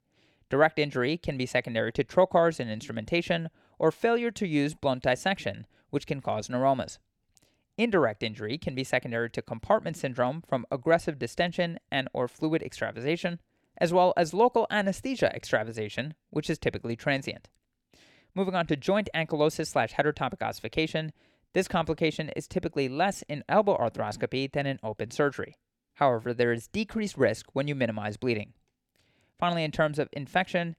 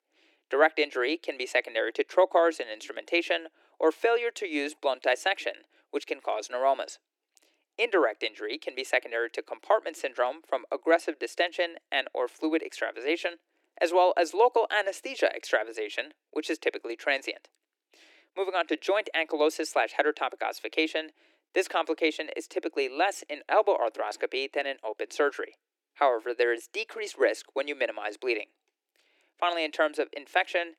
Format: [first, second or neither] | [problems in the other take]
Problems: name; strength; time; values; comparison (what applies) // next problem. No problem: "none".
first | thin; very; fading below 300 Hz